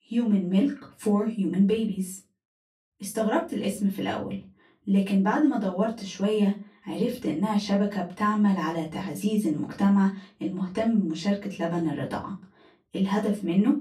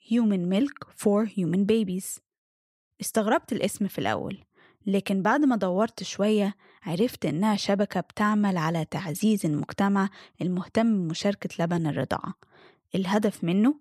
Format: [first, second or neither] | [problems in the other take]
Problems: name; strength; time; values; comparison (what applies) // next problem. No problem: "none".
second | off-mic speech; far // room echo; very slight; dies away in 0.2 s